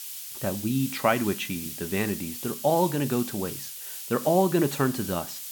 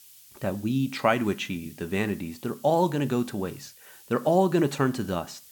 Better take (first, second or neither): second